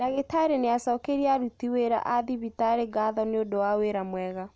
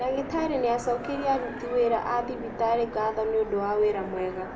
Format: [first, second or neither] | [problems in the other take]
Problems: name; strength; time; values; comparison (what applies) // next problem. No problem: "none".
first | background sound (Train); 11 dB below the speech // room echo; dies away in 0.4 s